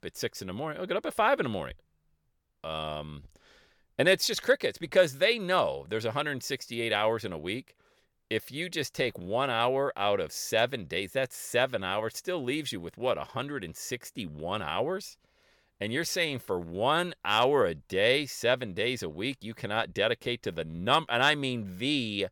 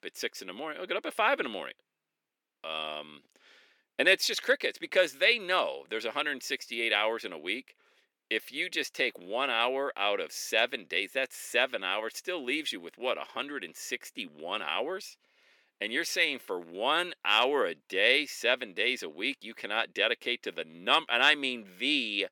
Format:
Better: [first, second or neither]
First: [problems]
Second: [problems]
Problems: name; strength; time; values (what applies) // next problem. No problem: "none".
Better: first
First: none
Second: thin; very slightly; fading below 250 Hz